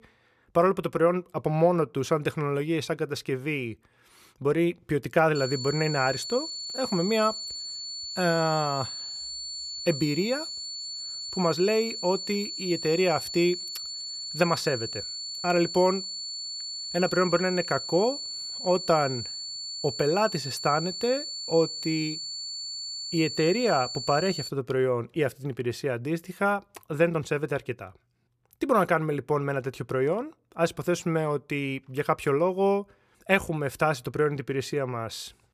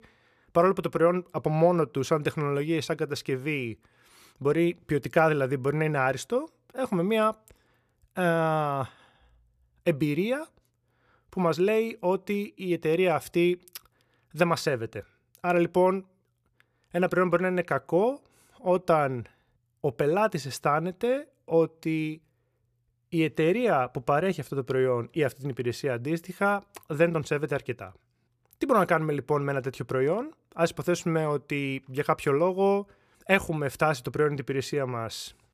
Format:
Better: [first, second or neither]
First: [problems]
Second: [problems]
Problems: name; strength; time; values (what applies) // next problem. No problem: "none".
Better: second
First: high-pitched whine; loud; from 5.5 to 24 s; 4.5 kHz, 6 dB below the speech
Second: none